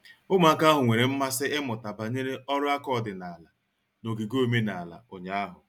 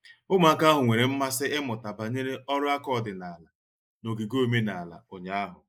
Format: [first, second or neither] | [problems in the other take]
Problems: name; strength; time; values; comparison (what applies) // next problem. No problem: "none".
first | noise reduction (neural mask model Resemble Enhance denoiser)